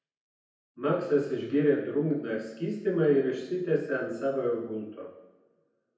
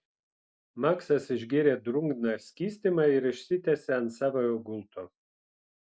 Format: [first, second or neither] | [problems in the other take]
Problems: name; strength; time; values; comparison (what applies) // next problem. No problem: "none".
second | room echo; dies away in 0.9 s